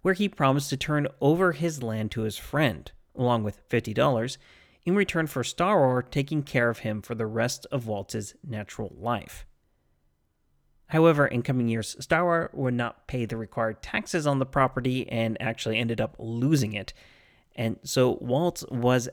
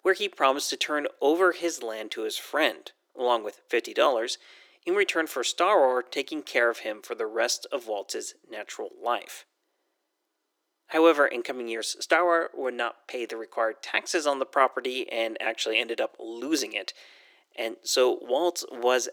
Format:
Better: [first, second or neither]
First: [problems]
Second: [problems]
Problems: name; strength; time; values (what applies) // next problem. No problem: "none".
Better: first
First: none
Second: thin; very; fading below 350 Hz